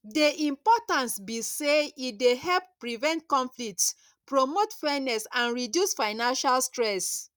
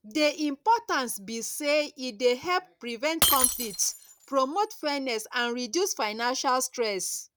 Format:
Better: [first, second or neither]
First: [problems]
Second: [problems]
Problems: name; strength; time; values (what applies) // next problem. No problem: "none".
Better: first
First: none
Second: background sound (Shatter); 7 dB below the speech